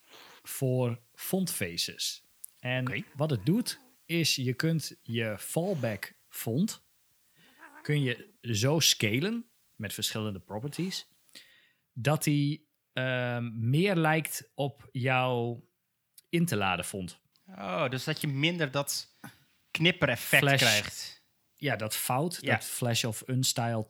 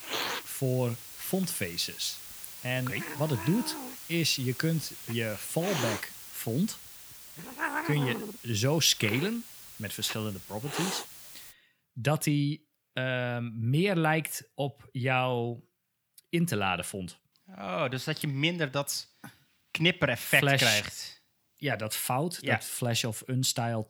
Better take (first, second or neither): first